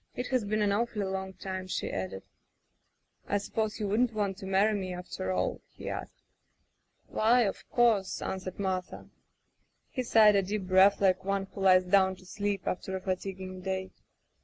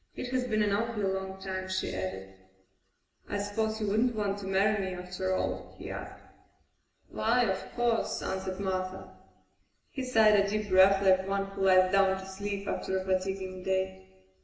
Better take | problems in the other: first | room echo; dies away in 1 s

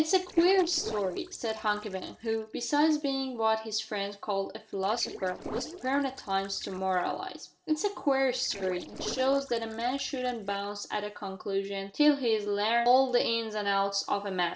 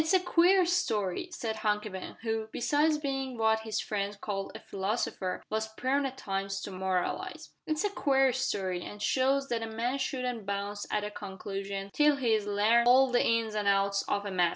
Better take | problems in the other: second | noise reduction (neural separator model SepFormer DNS4)

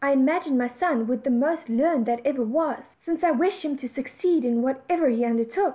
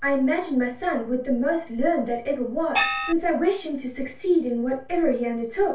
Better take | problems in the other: first | background sound (Gong); as loud as the speech // room echo; dies away in 0.2 s

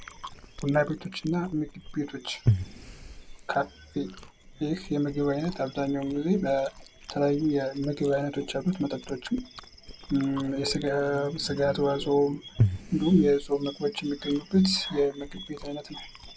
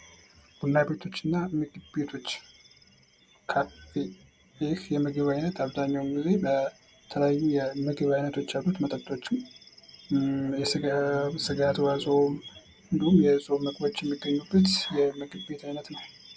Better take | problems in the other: second | background sound (Chewing, mastication); 9 dB below the speech

